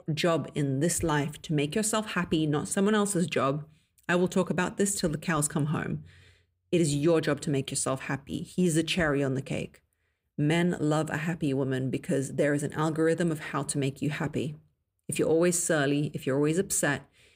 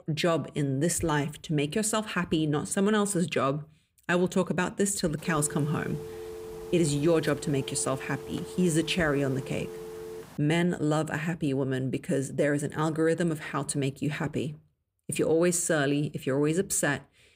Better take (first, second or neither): first